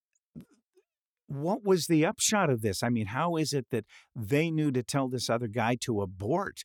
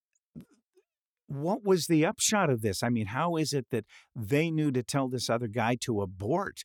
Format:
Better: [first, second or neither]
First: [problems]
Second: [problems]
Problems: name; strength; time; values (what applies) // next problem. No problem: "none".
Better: neither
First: none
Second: none